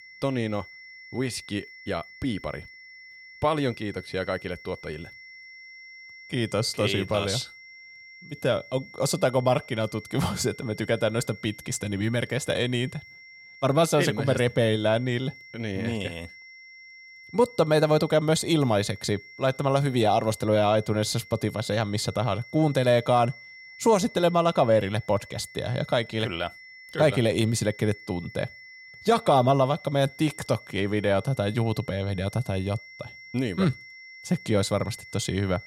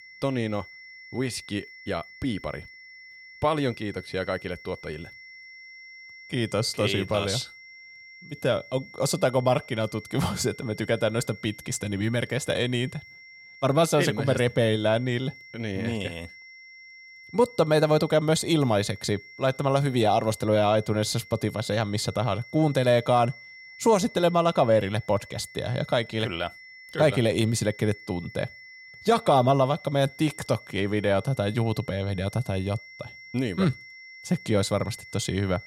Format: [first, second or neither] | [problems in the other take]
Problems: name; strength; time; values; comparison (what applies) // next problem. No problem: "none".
neither | high-pitched whine; noticeable; throughout; 2 kHz, 20 dB below the speech; the same in both